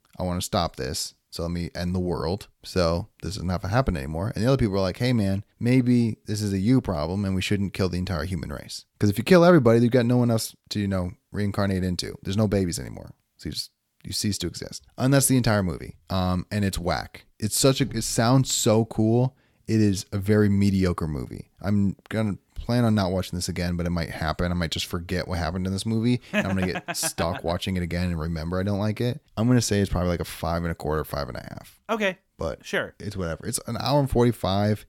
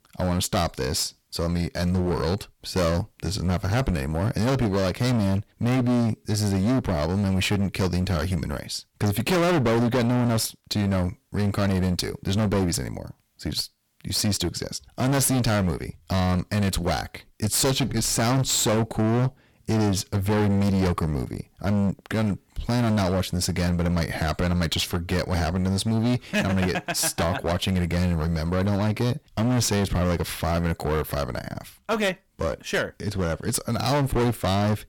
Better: first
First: none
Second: distortion; heavy; 21% of the sound clipped

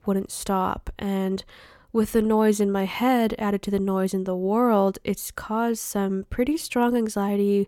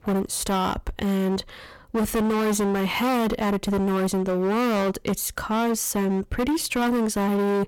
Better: first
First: none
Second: distortion; heavy; 30% of the sound clipped

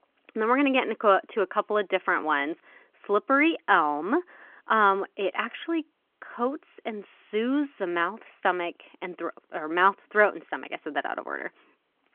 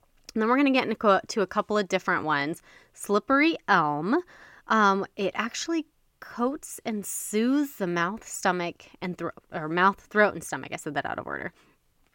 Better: second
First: phone-call audio; nothing above 3.5 kHz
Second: none

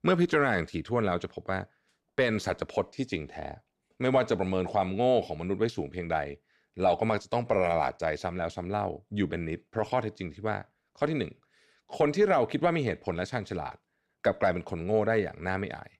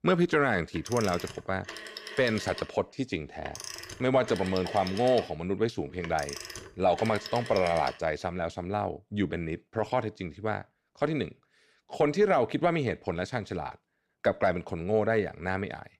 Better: first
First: none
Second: phone ringing; noticeable; from 0.5 to 8 s; peak 9 dB below the speech

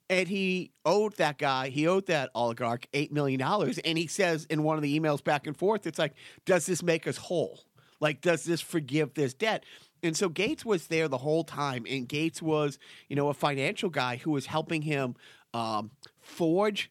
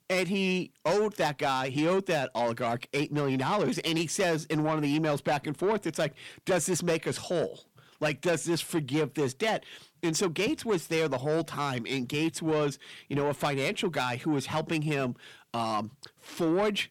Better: first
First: none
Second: distortion; slight; 10 dB below the speech

